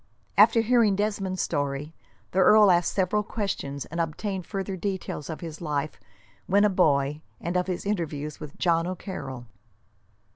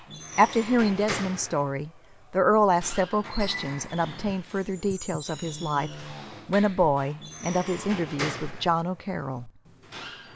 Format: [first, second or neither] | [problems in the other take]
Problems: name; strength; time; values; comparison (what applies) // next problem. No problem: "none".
first | background sound (Squeak / Wood); 13 dB below the speech